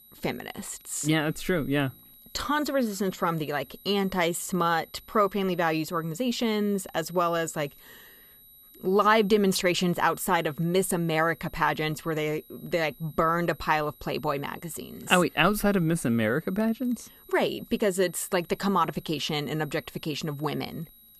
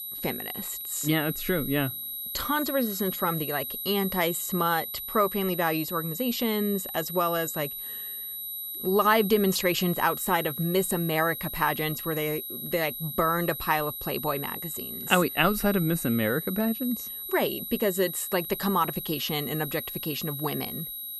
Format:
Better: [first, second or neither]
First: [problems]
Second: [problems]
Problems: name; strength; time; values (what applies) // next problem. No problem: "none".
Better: first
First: high-pitched whine; faint; throughout; 12 kHz, 25 dB below the speech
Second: high-pitched whine; loud; throughout; 12 kHz, 6 dB below the speech